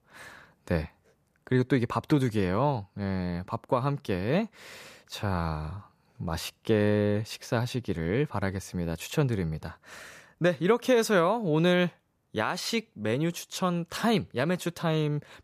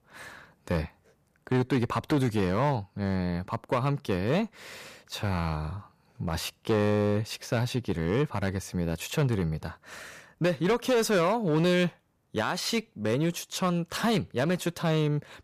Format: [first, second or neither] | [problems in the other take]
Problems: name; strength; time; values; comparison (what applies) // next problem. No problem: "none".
first | distortion; slight; 7% of the sound clipped